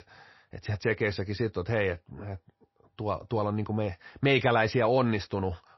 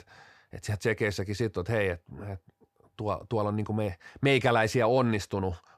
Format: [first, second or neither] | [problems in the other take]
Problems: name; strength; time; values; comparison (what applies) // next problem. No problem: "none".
second | garbled, watery; slightly; nothing above 5.5 kHz